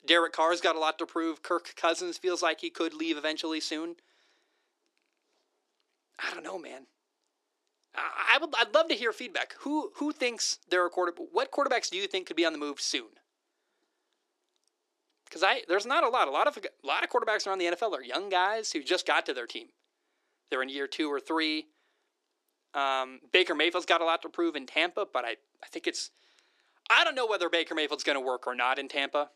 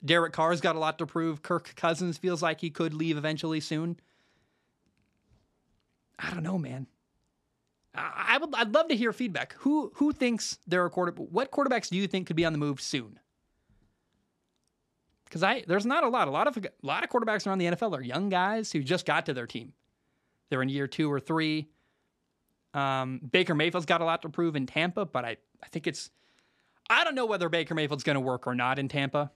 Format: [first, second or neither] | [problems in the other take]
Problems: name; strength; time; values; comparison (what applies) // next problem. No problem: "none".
second | thin; somewhat; fading below 350 Hz